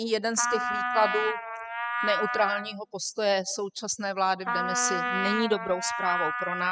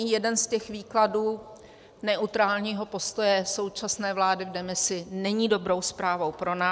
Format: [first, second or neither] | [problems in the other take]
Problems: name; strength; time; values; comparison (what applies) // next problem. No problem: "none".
second | noise reduction (classical method spectral subtraction)